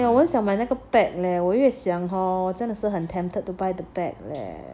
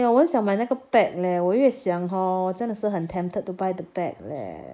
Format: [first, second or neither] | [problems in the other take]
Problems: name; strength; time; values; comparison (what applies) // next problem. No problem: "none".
first | noise reduction (neural mask model Resemble Enhance denoiser)